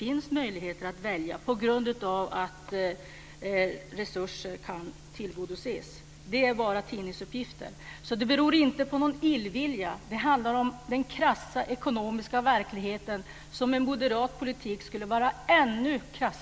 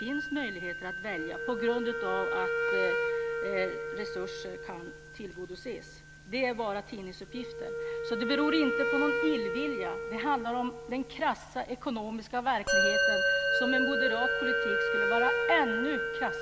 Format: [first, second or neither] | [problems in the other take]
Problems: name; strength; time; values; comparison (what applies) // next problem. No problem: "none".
first | background sound (Wind instrument, woodwind instrument + Musical instrument); 2 dB above the speech